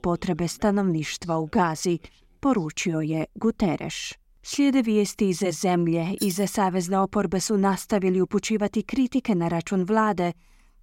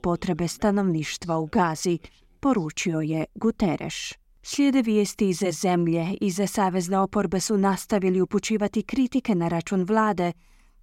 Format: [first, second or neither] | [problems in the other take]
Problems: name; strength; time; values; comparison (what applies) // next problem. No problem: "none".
second | jangling keys; noticeable; at 6 s; peak 9 dB below the speech